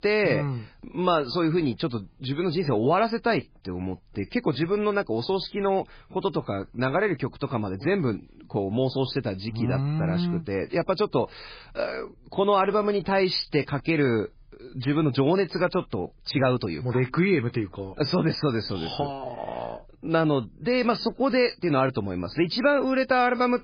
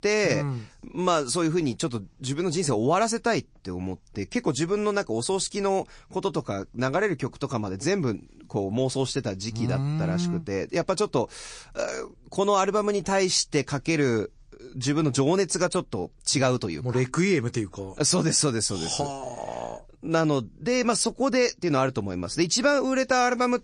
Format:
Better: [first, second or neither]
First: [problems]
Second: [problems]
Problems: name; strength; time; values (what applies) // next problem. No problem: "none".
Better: second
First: garbled, watery; badly; nothing above 5 kHz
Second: garbled, watery; slightly; nothing above 8.5 kHz